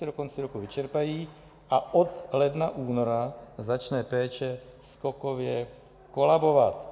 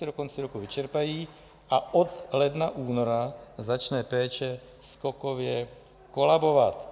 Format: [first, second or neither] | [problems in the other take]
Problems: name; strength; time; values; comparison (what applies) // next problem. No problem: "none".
second | room echo; dies away in 1 s